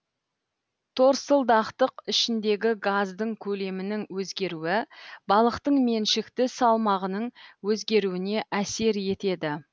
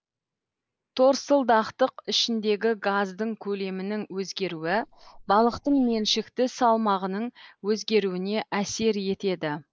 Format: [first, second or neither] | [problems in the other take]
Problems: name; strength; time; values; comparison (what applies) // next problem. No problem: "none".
first | noise reduction (neural mask model Resemble Enhance denoiser)